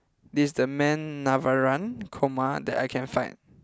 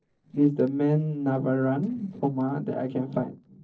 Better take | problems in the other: first | noise reduction (neural separator model SepFormer DNS4)

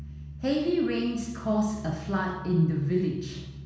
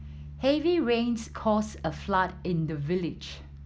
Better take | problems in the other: second | room echo; dies away in 1.1 s

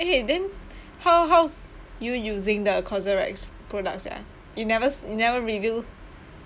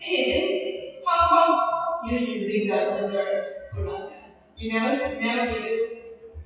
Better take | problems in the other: first | noise reduction (classical method WPE with log-MMSE)

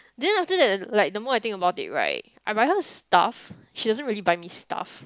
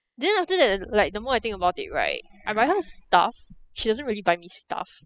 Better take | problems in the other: first | noise reduction (classical method spectral subtraction)

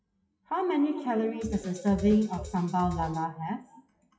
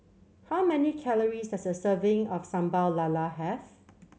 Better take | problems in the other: second | noise reduction (classical method WPE with log-MMSE)

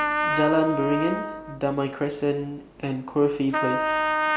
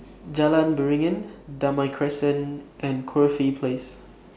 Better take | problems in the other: second | background sound (Trumpet); 2 dB below the speech

